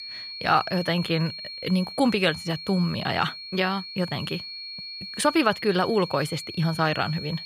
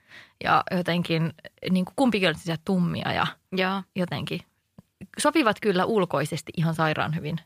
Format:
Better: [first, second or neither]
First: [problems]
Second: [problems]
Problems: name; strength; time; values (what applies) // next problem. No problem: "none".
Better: second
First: high-pitched whine; loud; throughout; 4.5 kHz, 10 dB below the speech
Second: none